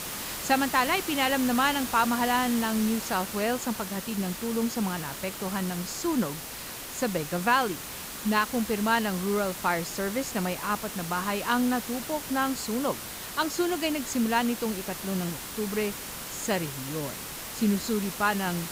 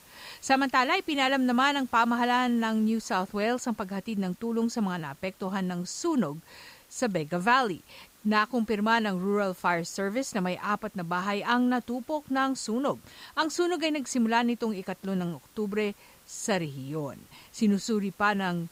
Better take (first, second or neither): second